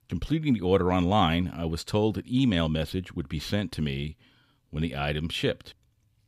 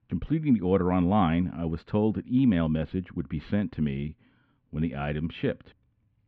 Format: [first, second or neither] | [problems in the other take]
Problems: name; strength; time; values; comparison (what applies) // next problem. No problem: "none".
first | muffled; very; fading above 2.5 kHz